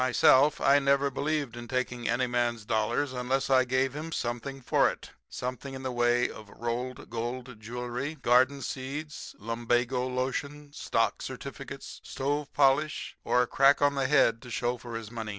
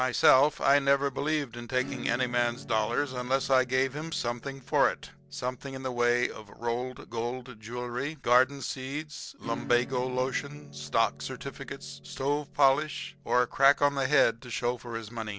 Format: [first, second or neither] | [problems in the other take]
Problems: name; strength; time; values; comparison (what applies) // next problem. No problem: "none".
first | background sound (Acoustic guitar / Strum); 19 dB below the speech